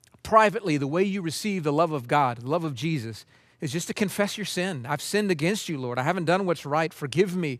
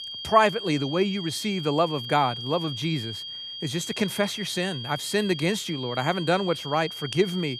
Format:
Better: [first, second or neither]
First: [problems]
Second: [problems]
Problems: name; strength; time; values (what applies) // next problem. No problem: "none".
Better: first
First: none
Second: high-pitched whine; loud; throughout; 3 kHz, 8 dB below the speech